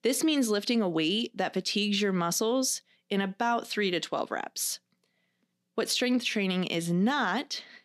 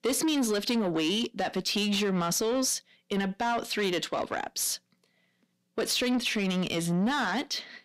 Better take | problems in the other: first | distortion; slight; 10 dB below the speech

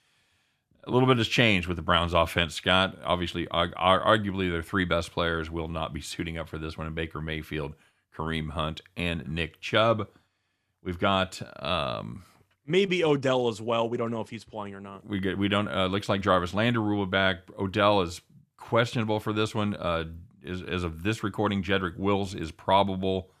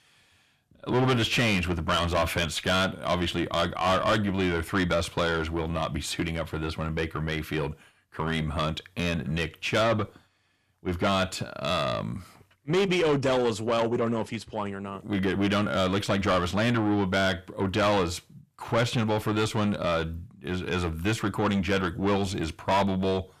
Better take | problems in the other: first | distortion; heavy; 6 dB below the speech

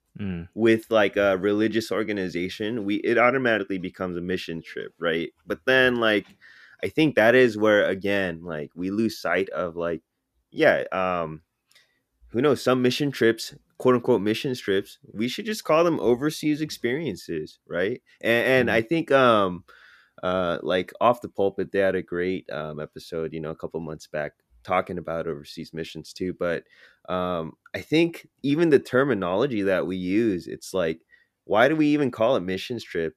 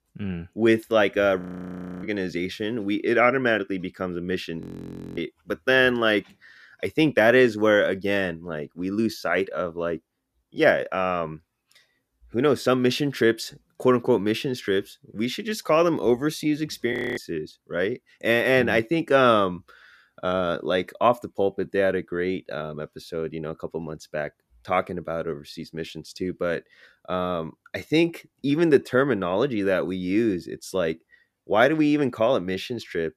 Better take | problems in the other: first | audio freezing; at 1.5 s for 0.5 s, at 4.5 s for 0.5 s and at 17 s

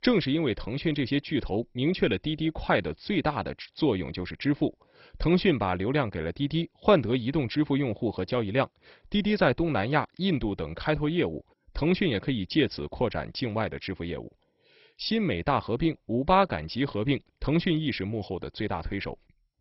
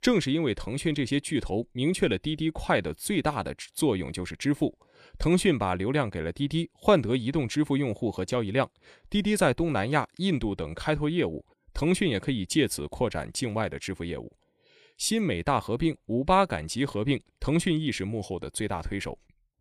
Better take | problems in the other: second | garbled, watery; badly; nothing above 5.5 kHz

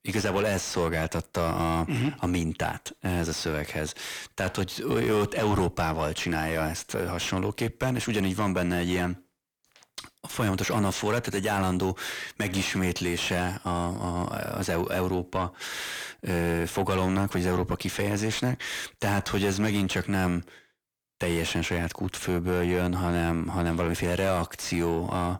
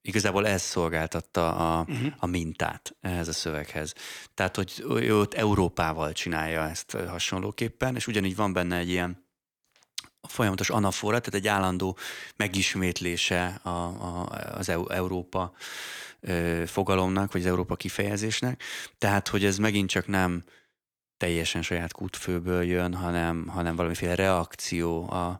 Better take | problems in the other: second | distortion; heavy; 8 dB below the speech

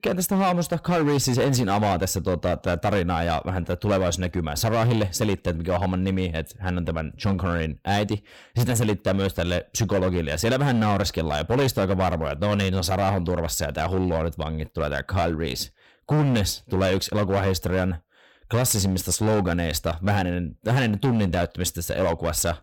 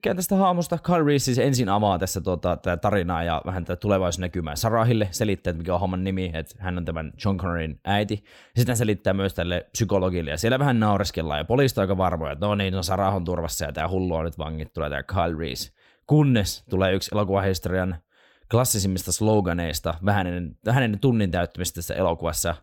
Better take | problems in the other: second | distortion; slight; 12% of the sound clipped

